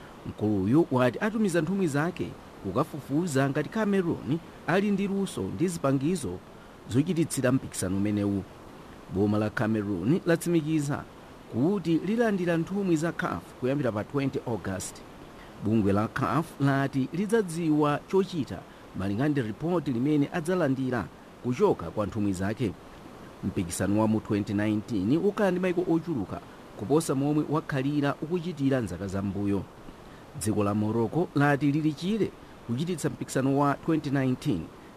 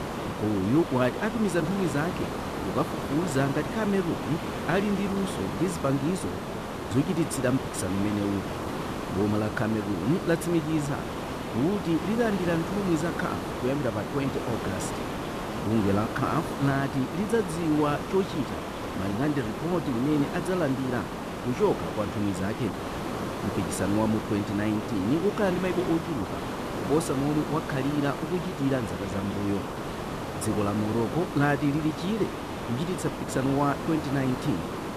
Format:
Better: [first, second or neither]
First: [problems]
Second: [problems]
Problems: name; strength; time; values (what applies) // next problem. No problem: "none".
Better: first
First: hiss; faint; throughout; 20 dB below the speech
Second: hiss; loud; throughout; 5 dB below the speech